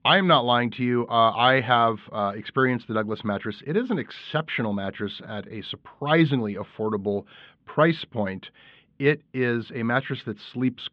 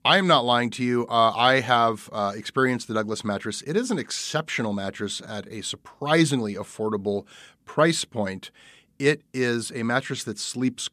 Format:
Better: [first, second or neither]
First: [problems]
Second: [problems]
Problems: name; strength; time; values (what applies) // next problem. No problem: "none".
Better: second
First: muffled; very; fading above 3.5 kHz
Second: none